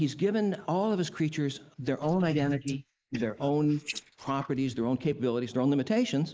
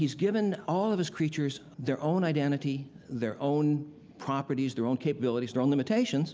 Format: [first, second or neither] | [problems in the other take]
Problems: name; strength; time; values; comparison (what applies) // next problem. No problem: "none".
second | noise reduction (neural mask model Resemble Enhance denoiser)